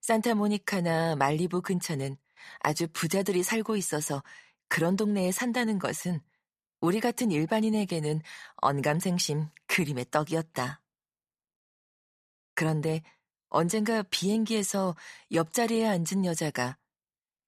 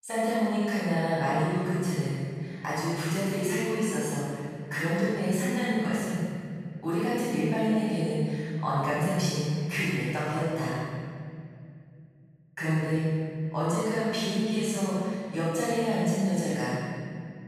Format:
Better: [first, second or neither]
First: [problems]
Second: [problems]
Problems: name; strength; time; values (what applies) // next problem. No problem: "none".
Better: first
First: none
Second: off-mic speech; far // room echo; strong; dies away in 2.6 s